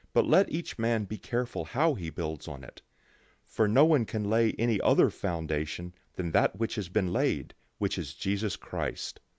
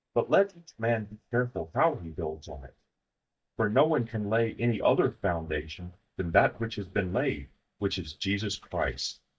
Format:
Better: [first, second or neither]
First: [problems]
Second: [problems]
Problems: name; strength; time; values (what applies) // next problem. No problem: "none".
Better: first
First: none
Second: noise reduction (neural mask model DeepFilterNet 3)